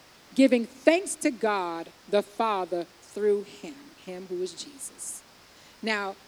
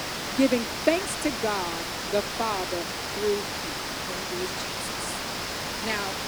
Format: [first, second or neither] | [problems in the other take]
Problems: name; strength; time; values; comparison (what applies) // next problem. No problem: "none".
first | hiss; loud; throughout; 1 dB below the speech; faint in the first